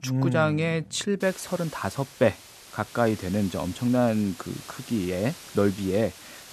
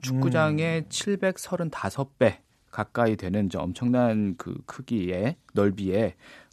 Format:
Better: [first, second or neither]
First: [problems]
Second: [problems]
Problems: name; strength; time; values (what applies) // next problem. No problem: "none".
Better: second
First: hiss; noticeable; from 1 s on; 15 dB below the speech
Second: none